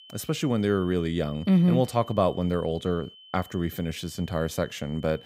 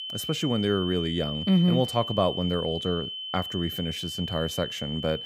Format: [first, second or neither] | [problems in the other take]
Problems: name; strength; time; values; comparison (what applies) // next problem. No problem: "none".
first | high-pitched whine; loud; throughout; 3 kHz, 6 dB below the speech; faint in the first